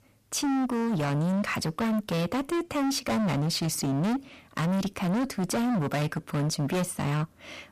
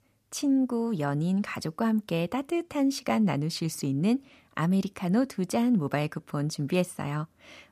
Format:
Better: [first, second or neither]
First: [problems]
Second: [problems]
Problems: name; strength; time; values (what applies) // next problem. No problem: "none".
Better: second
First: distortion; heavy; 35% of the sound clipped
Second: none